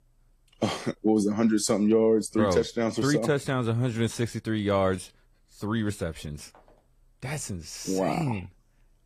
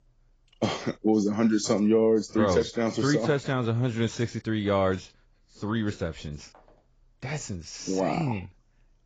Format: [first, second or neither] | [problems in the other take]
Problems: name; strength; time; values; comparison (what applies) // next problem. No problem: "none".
first | garbled, watery; badly; nothing above 7.5 kHz; slightly in the first